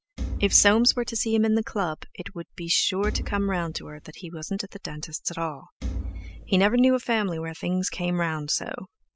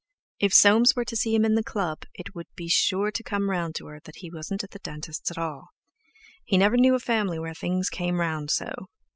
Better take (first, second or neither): second